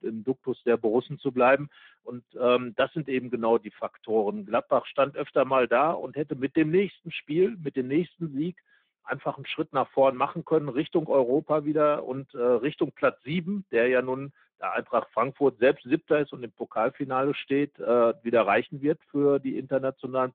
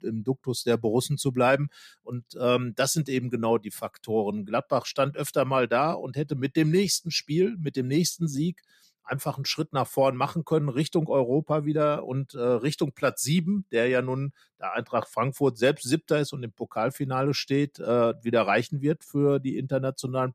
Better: second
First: phone-call audio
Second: none

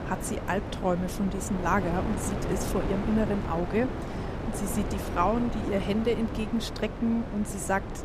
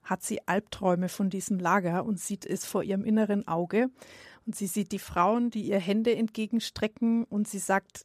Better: second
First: wind noise on the microphone; heavy; 6 dB below the speech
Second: none

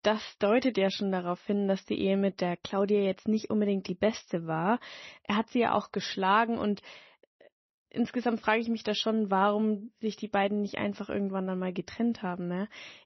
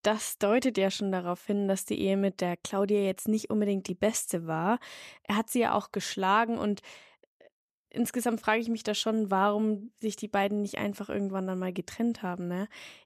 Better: second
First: garbled, watery; slightly; nothing above 6 kHz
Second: none

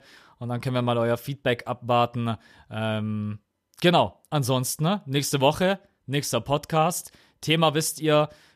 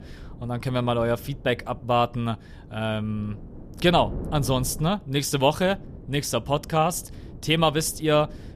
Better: first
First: none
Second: wind noise on the microphone; occasional gusts; 25 dB below the speech

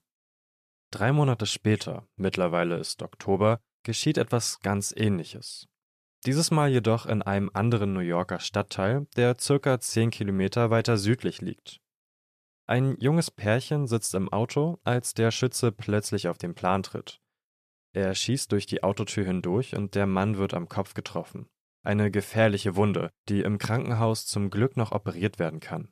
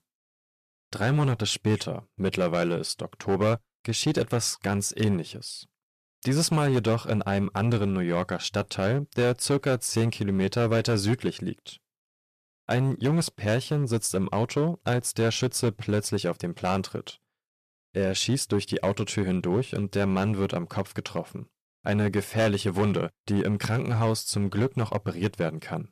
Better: first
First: none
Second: distortion; slight; 6% of the sound clipped

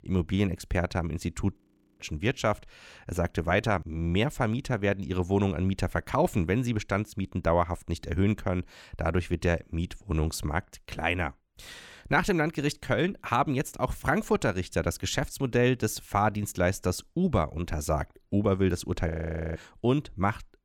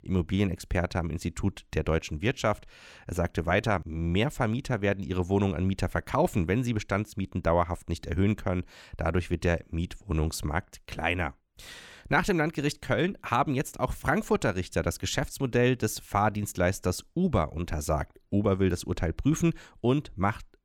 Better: second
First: audio freezing; at 1.5 s and at 19 s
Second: none

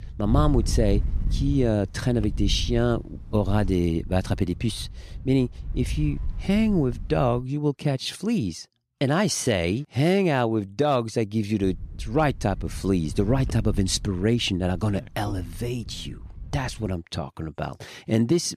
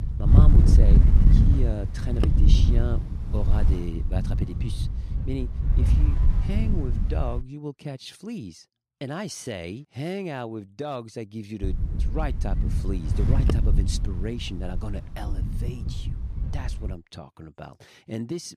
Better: first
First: wind noise on the microphone; occasional gusts; until 7.5 s and from 12 to 17 s; 20 dB below the speech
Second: wind noise on the microphone; heavy; until 7.5 s and from 12 to 17 s; 1 dB below the speech

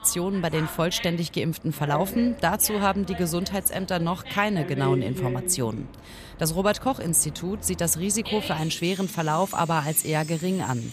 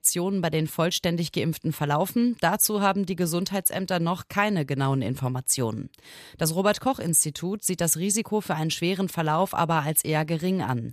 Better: second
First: animal sounds; noticeable; throughout; 10 dB below the speech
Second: none

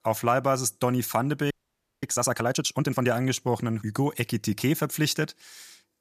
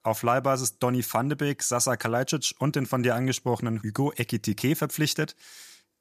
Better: second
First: audio freezing; at 1.5 s for 0.5 s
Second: none

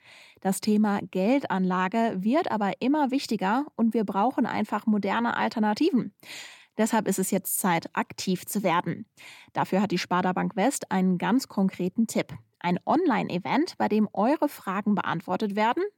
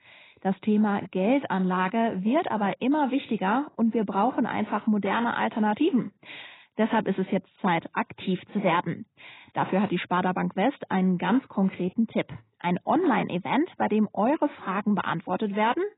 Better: first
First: none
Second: garbled, watery; badly; nothing above 4 kHz

